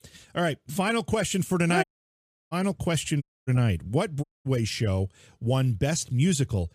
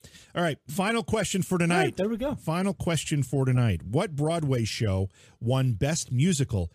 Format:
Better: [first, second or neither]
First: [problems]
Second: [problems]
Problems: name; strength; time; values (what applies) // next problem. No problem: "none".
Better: second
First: audio cutting out; at 2 s for 0.5 s, at 3 s and at 4 s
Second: none